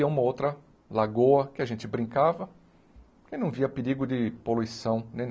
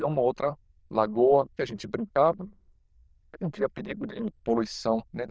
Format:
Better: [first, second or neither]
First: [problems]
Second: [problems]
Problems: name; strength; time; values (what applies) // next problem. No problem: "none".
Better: first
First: none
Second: noise reduction (neural diffusion model UNIVERSE++)